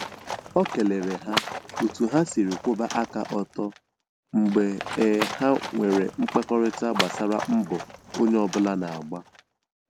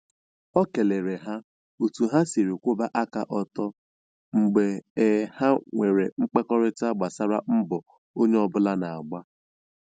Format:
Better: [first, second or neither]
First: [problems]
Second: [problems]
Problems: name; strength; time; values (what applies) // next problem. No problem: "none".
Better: second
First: background sound (Livestock, farm animals, working animals); 10 dB below the speech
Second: none